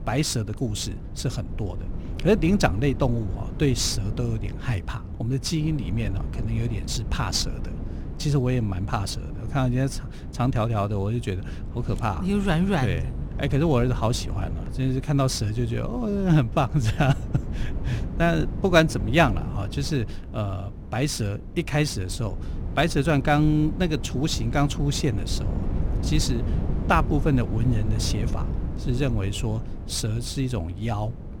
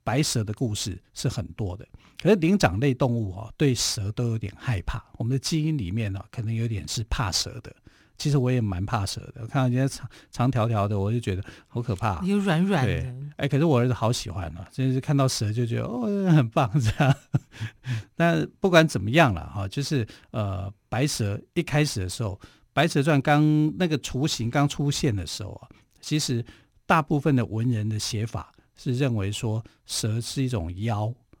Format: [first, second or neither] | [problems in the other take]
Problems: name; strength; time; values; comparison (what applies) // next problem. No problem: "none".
second | wind noise on the microphone; occasional gusts; 15 dB below the speech